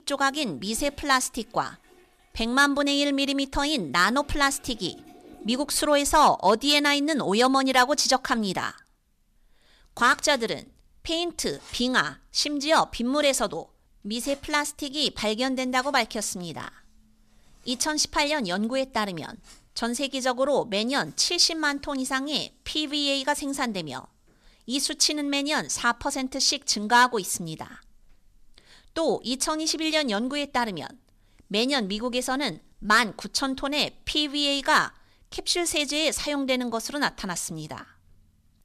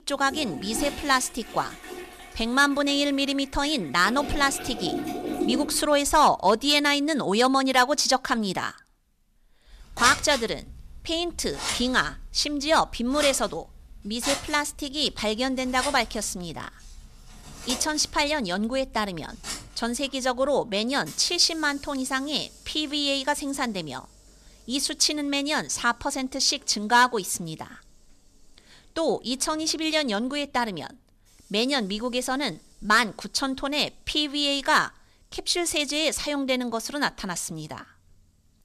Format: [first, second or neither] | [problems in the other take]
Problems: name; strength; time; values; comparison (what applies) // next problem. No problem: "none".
first | household noises; loud; throughout; 10 dB below the speech; faint in the first